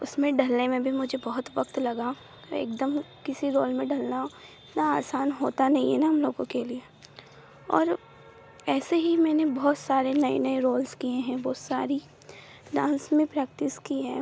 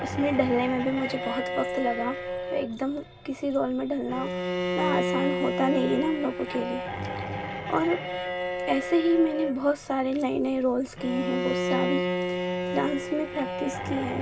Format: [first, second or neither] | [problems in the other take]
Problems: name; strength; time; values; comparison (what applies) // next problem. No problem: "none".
first | background sound (Bowed string instrument); 3 dB below the speech // room echo; dies away in 0.4 s